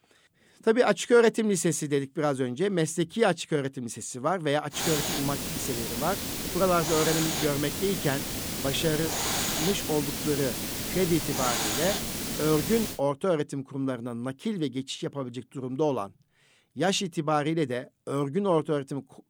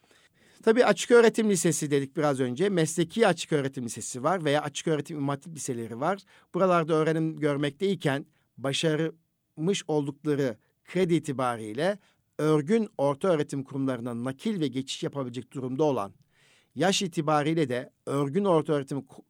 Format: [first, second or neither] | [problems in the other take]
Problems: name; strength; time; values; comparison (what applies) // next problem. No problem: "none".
second | hiss; loud; from 5 to 13 s; 1 dB below the speech